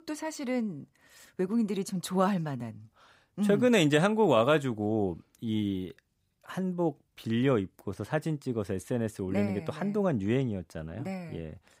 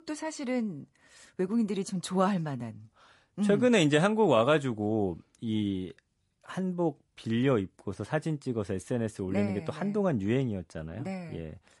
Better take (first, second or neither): first